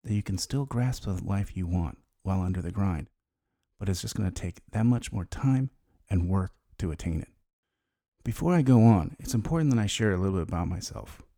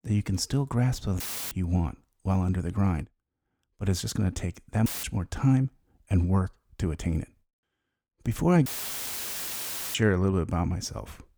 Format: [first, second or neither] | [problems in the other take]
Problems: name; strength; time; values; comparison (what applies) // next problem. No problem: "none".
first | audio cutting out; filled with static; at 1 s, at 5 s and at 8.5 s for 1.5 s